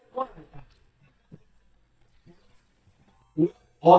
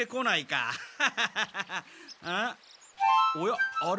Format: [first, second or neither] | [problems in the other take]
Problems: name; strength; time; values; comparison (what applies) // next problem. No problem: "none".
second | noise reduction (neural mask model DeepFilterNet 3)